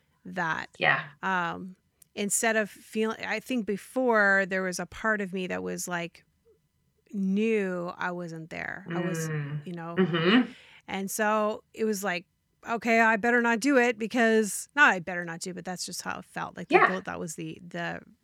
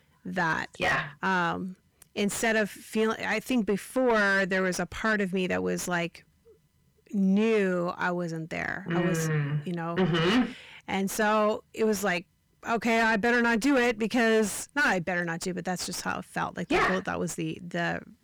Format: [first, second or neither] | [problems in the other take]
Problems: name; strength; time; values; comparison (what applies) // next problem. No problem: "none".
first | distortion; heavy; 6 dB below the speech